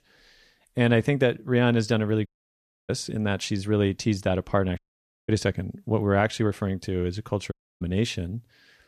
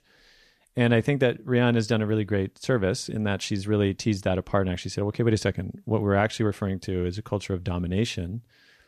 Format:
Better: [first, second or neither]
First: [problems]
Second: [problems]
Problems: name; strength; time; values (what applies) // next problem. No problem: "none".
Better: second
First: audio cutting out; at 2.5 s for 0.5 s, at 5 s for 0.5 s and at 7.5 s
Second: none